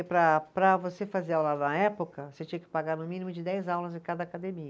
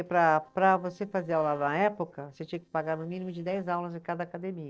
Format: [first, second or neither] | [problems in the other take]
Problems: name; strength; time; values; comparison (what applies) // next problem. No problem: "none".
first | noise reduction (neural separator model SepFormer DNS4)